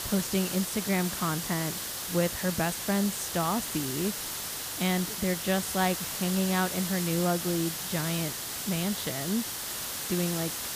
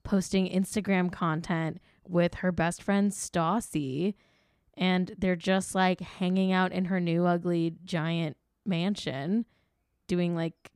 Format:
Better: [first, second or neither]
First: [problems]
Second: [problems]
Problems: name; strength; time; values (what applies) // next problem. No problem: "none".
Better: second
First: hiss; loud; throughout; 2 dB below the speech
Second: none